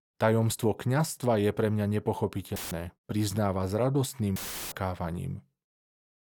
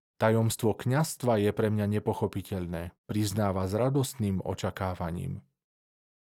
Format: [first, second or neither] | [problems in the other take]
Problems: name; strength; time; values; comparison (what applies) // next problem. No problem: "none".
second | audio cutting out; filled with static; at 2.5 s and at 4.5 s